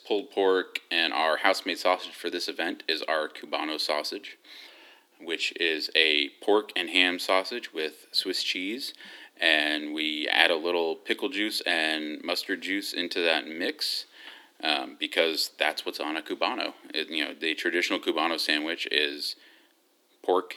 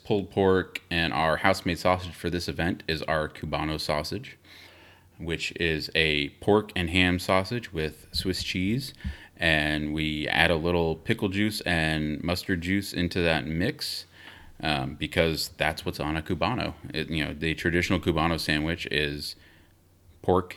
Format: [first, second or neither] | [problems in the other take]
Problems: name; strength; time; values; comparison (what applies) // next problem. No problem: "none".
second | thin; somewhat; fading below 300 Hz